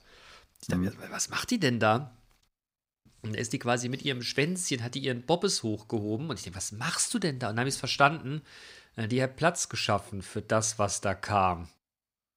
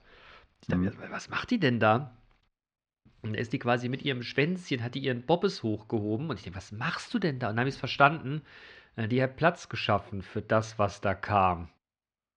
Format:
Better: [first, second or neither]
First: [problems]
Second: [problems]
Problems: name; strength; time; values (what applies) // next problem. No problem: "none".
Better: first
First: none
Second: muffled; slightly; fading above 3.5 kHz